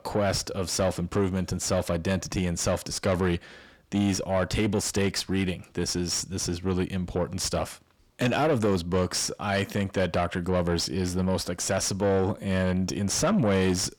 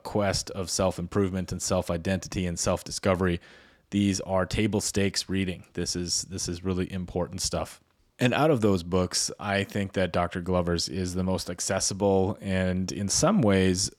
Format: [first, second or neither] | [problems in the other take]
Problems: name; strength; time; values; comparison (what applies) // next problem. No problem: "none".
second | distortion; slight; 10 dB below the speech